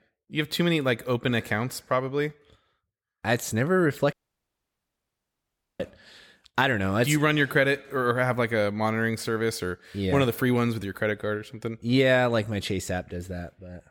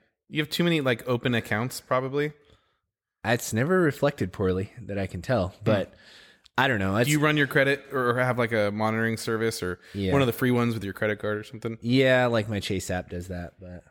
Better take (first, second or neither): second